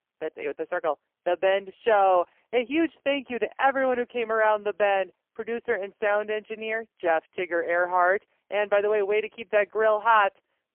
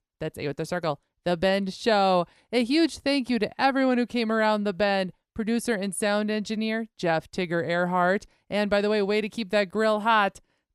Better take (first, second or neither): second